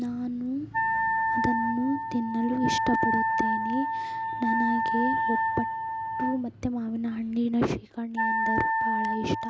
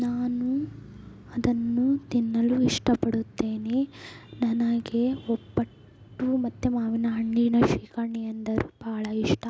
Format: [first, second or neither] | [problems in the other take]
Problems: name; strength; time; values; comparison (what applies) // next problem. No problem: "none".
second | background sound (Wind instrument, woodwind instrument); 1 dB above the speech